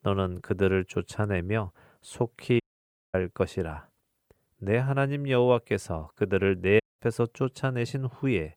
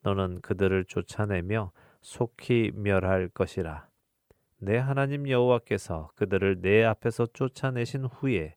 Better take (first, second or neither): second